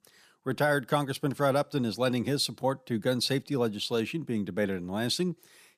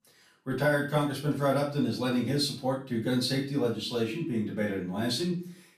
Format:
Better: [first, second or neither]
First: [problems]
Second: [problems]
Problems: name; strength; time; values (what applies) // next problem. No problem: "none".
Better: first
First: none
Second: room echo; slight; dies away in 0.4 s // off-mic speech; far